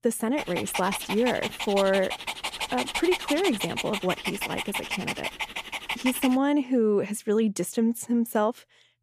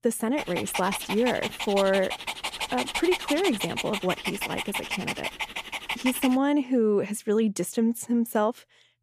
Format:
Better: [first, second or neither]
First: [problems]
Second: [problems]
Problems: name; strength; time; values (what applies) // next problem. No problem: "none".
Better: neither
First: dog barking; noticeable; until 6.5 s; peak 2 dB below the speech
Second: dog barking; noticeable; until 6.5 s; peak 2 dB below the speech